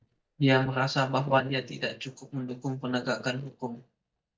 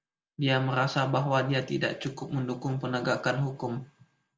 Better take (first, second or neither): second